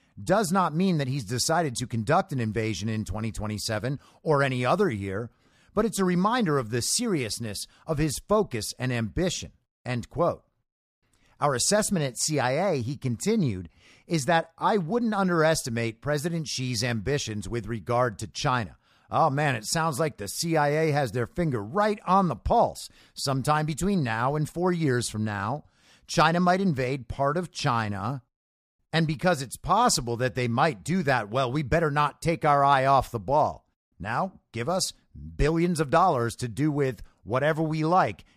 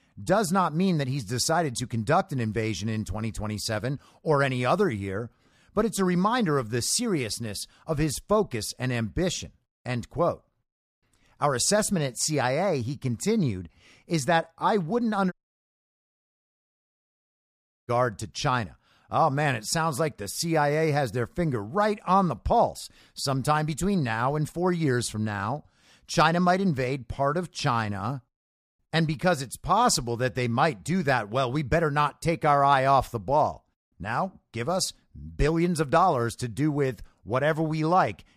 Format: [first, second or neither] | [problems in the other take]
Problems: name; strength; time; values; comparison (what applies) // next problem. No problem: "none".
first | audio cutting out; at 15 s for 2.5 s